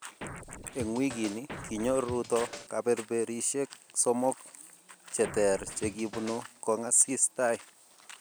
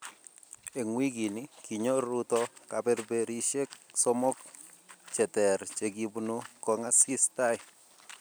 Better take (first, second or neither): second